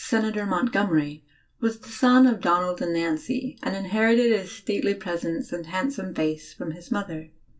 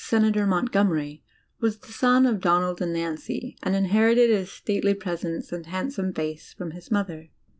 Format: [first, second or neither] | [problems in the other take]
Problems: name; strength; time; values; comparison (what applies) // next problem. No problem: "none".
second | room echo; dies away in 0.2 s